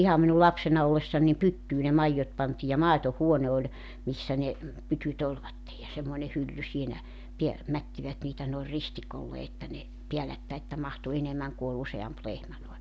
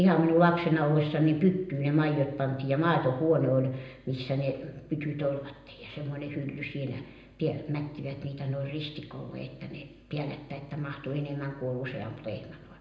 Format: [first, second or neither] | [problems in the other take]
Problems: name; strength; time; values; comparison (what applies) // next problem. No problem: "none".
first | room echo; dies away in 0.8 s